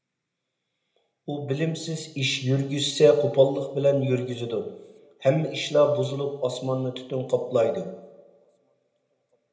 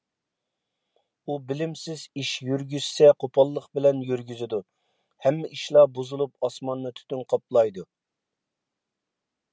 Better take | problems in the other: second | room echo; dies away in 0.7 s

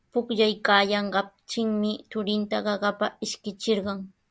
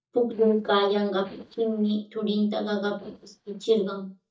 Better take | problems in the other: first | noise reduction (neural mask model DeepFilterNet 3)

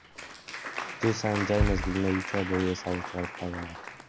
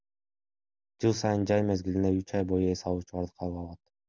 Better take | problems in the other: second | background sound (Applause + Bass drum); 4 dB below the speech

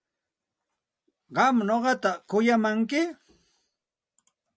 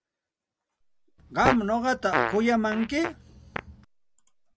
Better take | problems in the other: first | background sound (Fart); 4 dB below the speech

